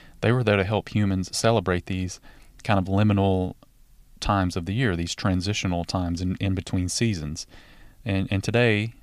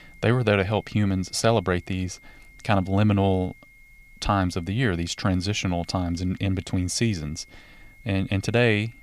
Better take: first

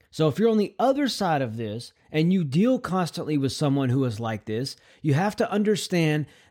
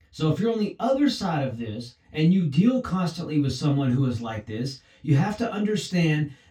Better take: first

